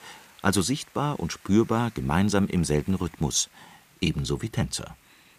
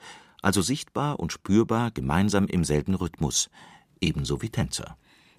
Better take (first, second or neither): second